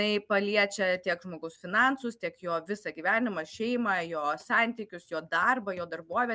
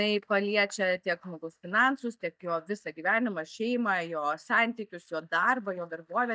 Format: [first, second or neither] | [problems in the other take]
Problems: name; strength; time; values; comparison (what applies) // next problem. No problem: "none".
first | noise reduction (neural mask model DeepFilterNet 3)